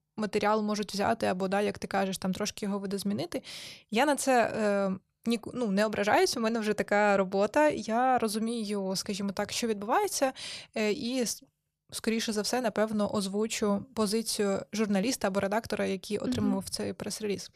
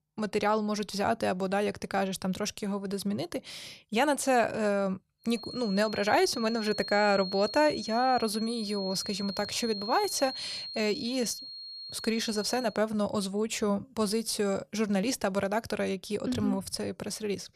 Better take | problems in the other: first | high-pitched whine; loud; from 5.5 to 13 s; 4.5 kHz, 8 dB below the speech

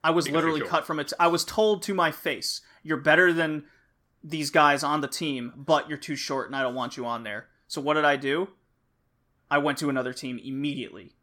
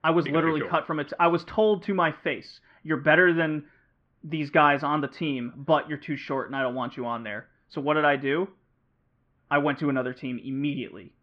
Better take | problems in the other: first | muffled; very; fading above 3 kHz

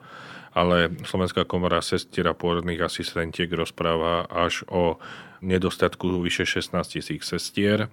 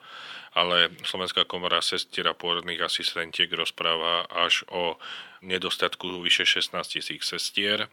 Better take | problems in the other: first | thin; somewhat; fading below 850 Hz

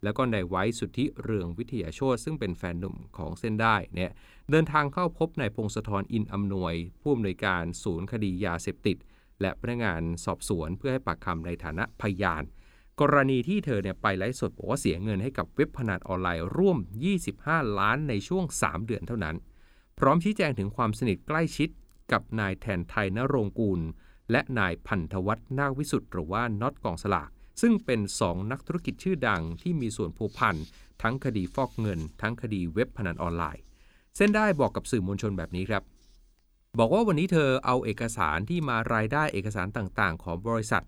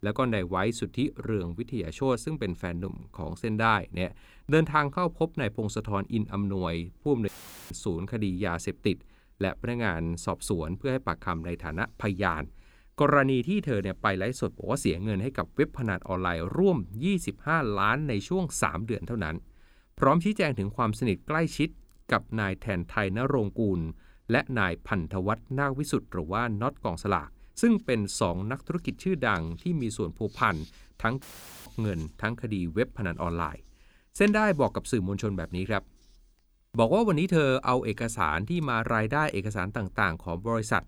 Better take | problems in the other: first | audio cutting out; filled with static; at 7.5 s and at 31 s

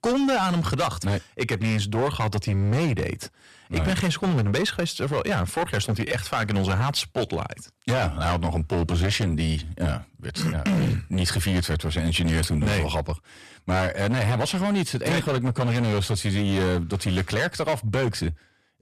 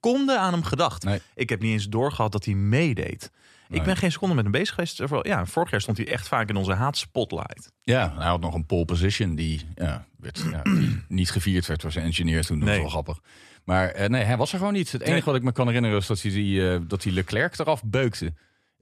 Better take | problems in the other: second | distortion; heavy; 16% of the sound clipped

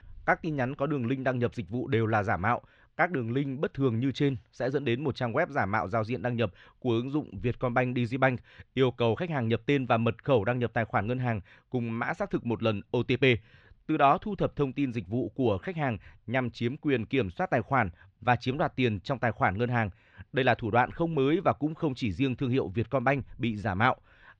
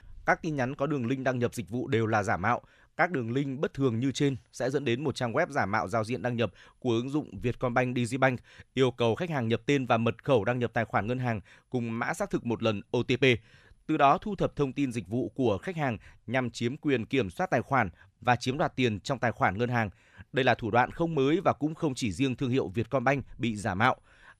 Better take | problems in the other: second | muffled; slightly; fading above 4 kHz

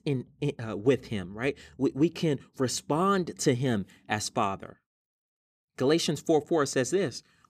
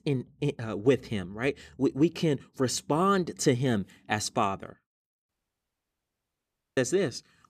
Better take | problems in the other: first | audio cutting out; at 5.5 s for 1.5 s

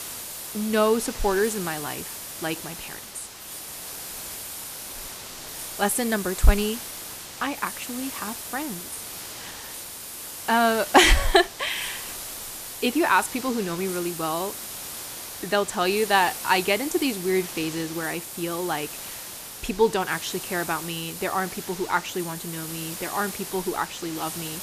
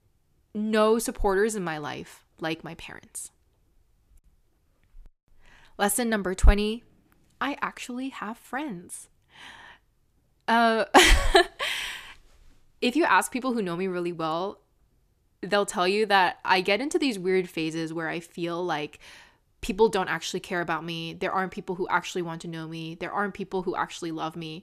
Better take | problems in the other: second | hiss; loud; throughout; 9 dB below the speech

